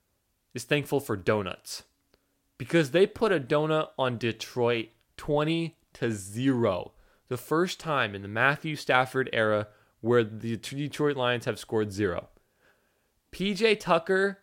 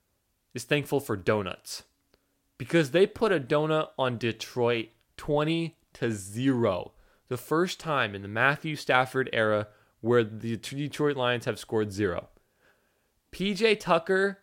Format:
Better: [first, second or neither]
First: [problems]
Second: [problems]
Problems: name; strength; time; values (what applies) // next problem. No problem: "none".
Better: neither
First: none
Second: none